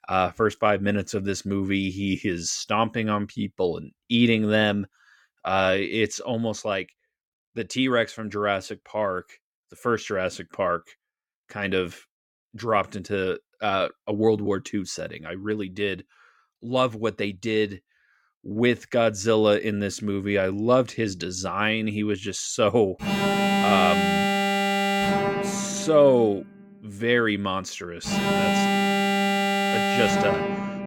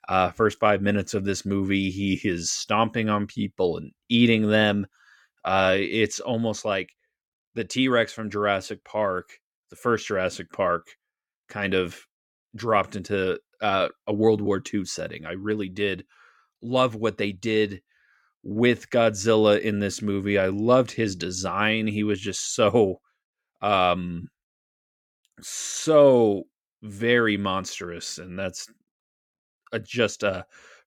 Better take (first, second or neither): second